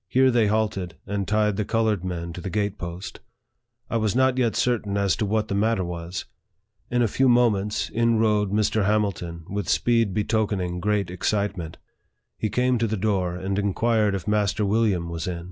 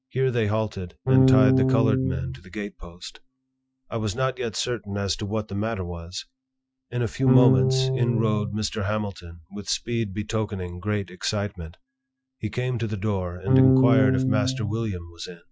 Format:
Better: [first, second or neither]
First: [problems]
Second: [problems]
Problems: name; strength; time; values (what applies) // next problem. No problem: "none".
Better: first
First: none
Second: noise reduction (classical method Wiener filter)